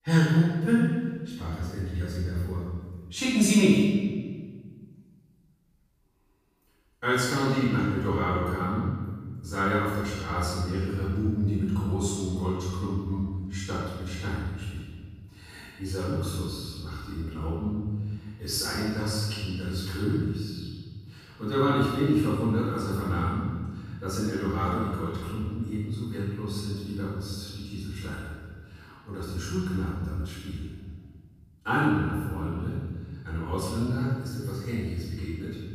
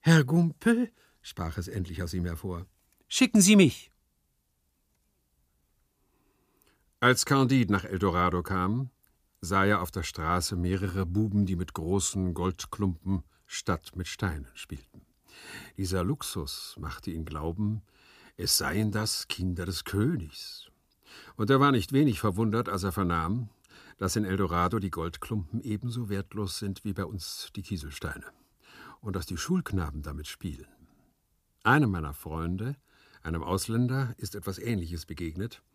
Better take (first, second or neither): second